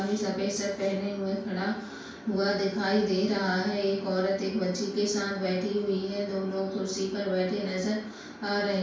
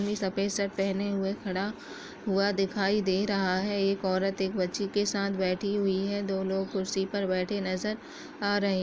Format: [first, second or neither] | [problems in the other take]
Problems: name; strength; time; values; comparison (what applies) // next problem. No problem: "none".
second | room echo; dies away in 0.5 s